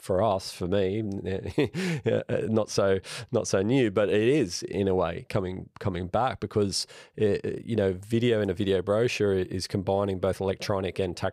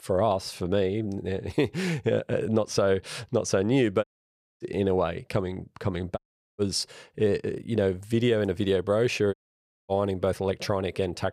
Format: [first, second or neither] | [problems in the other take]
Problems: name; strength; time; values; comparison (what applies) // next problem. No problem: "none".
first | audio cutting out; at 4 s for 0.5 s, at 6 s and at 9.5 s for 0.5 s